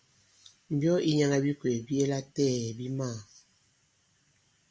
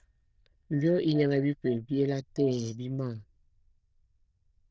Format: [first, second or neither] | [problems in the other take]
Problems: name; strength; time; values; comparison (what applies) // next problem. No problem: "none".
first | noise reduction (neural diffusion model UNIVERSE++)